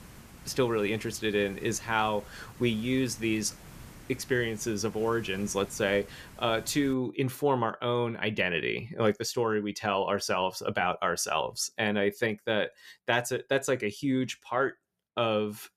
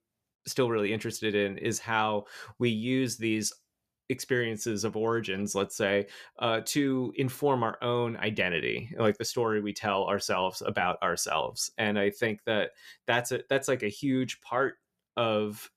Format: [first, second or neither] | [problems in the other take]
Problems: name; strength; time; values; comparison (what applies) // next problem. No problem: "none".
second | hiss; noticeable; until 7 s; 20 dB below the speech